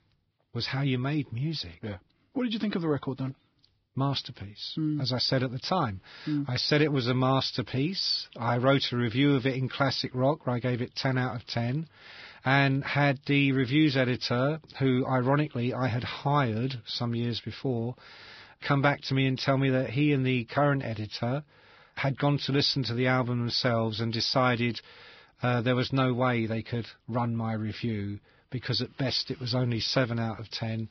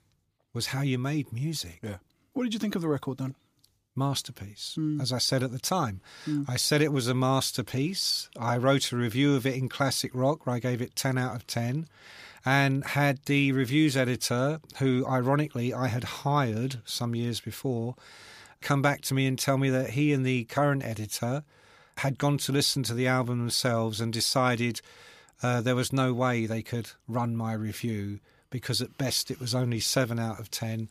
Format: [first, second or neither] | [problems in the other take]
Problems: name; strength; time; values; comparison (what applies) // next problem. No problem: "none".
second | garbled, watery; badly; nothing above 5.5 kHz